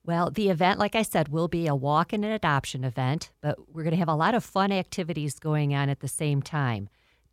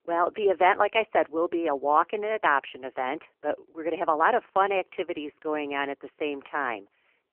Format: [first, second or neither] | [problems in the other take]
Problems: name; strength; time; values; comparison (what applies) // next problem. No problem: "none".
first | phone-call audio; poor line; nothing above 3 kHz